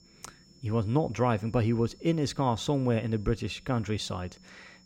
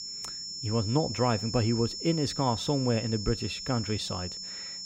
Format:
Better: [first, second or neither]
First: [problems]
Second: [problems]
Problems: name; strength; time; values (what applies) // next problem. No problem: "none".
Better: first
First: high-pitched whine; faint; throughout; 5.5 kHz, 30 dB below the speech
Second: high-pitched whine; loud; throughout; 5.5 kHz, 6 dB below the speech